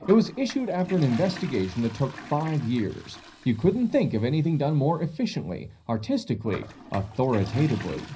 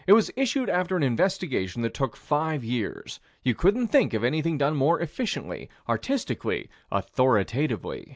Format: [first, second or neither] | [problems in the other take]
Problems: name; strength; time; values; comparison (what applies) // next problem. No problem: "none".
second | background sound (Toilet flush); 17 dB below the speech // room echo; dies away in 0.4 s